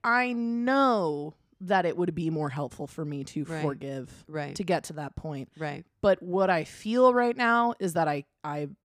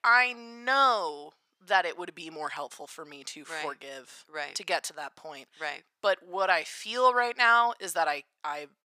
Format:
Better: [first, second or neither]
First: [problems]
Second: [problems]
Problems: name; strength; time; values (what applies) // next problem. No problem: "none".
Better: first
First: none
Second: thin; very; fading below 900 Hz